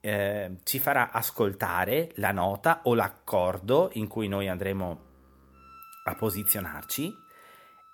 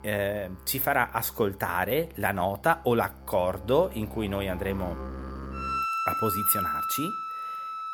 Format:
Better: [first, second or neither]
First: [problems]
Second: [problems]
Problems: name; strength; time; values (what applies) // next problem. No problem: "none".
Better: first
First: background music; faint; throughout; 25 dB below the speech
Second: background music; loud; throughout; 4 dB below the speech